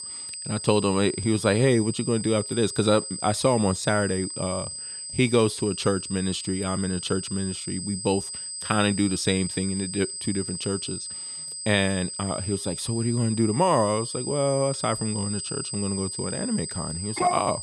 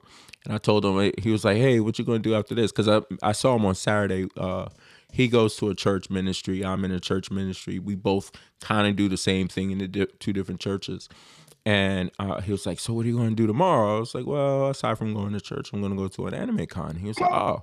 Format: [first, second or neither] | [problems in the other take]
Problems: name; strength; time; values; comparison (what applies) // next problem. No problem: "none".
second | high-pitched whine; loud; throughout; 8 kHz, 7 dB below the speech